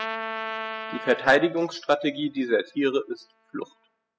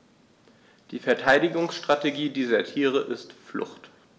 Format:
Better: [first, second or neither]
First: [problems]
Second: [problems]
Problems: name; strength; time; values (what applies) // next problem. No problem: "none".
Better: second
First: noise reduction (classical method spectral subtraction)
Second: none